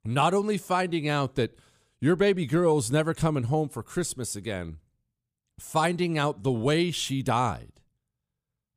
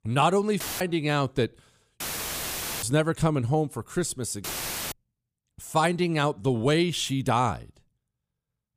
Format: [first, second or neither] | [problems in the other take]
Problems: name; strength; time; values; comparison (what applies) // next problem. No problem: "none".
first | audio cutting out; filled with static; at 0.5 s, at 2 s for 1 s and at 4.5 s